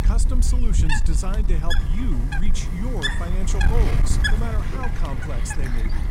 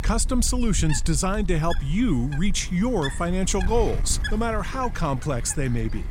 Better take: second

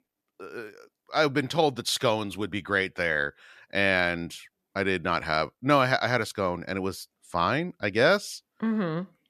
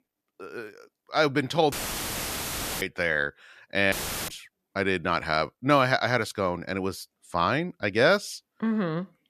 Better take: first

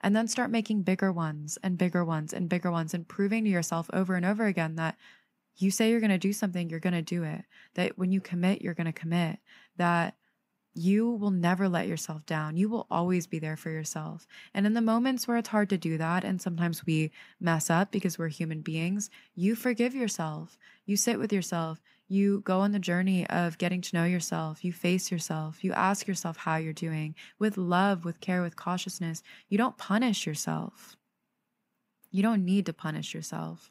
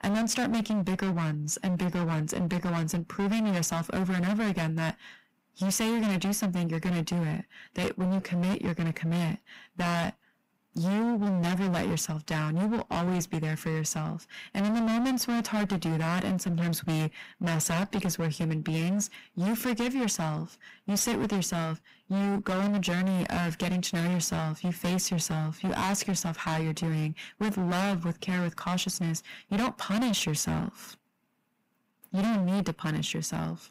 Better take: first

